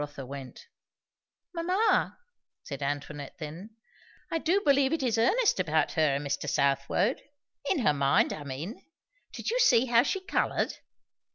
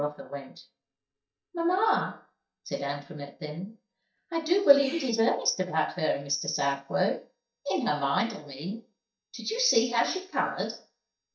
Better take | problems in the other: first | noise reduction (neural mask model DeepFilterNet 3)

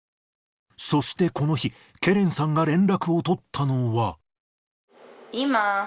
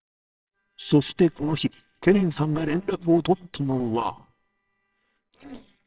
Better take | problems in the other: first | noise reduction (neural separator model SepFormer WHAMR!)

